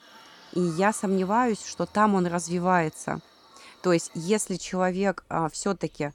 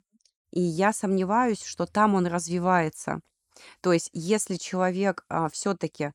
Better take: second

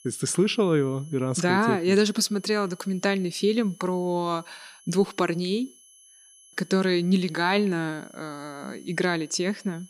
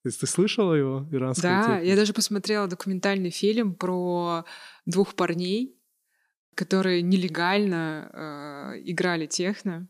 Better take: second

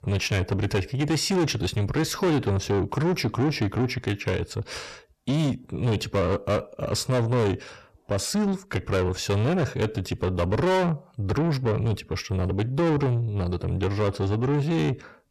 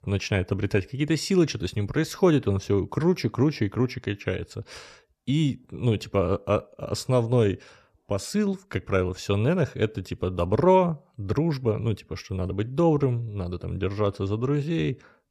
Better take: second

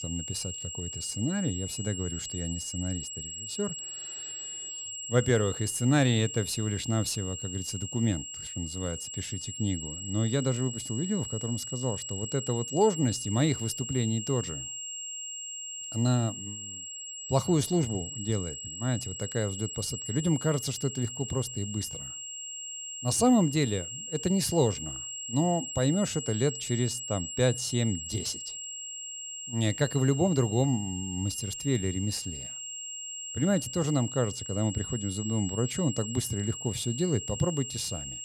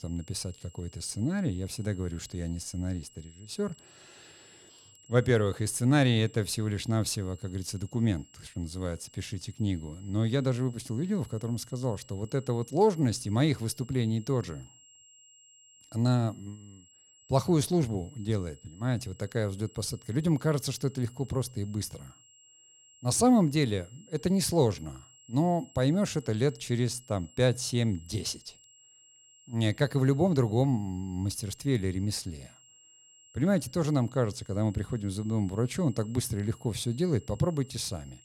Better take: second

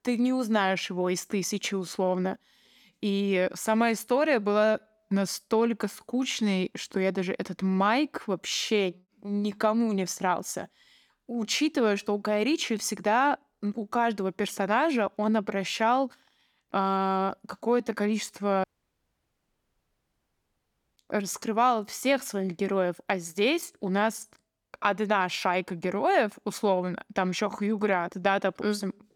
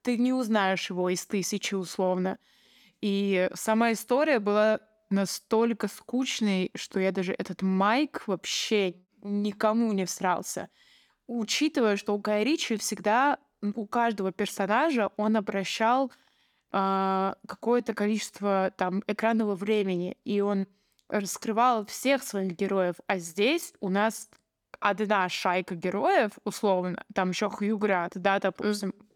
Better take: second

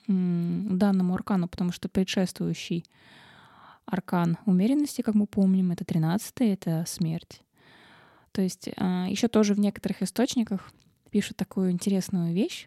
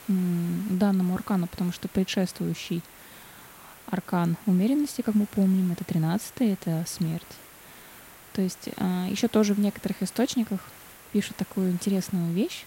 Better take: first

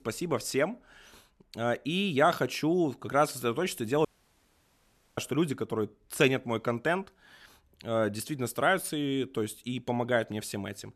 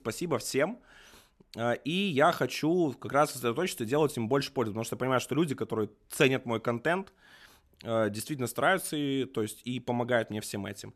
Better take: second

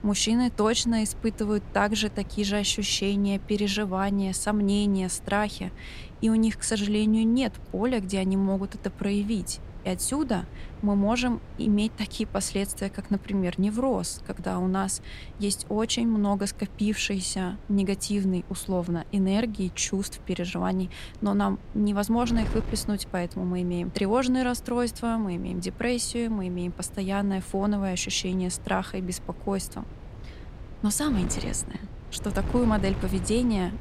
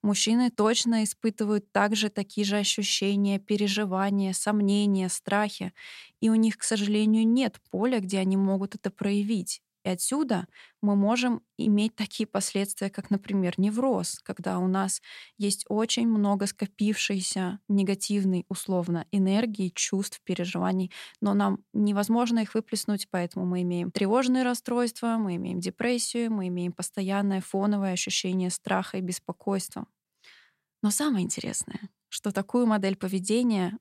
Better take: second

